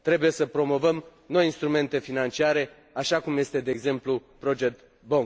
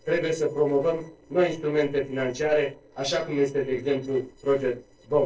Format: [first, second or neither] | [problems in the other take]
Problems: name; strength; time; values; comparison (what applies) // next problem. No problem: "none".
first | noise reduction (neural separator model SepFormer DNS4)